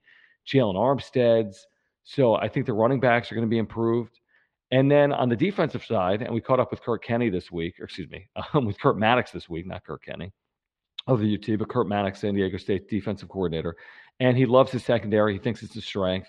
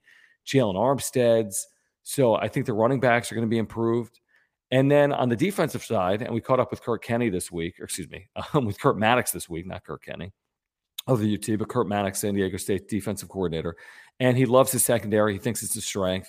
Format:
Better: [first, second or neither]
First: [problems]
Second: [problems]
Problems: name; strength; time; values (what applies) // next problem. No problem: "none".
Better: second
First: muffled; slightly; fading above 4 kHz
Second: none